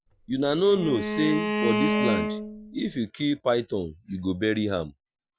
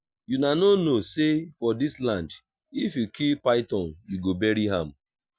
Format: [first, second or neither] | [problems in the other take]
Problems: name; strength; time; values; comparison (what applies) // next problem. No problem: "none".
second | background sound (Bowed string instrument); 1 dB below the speech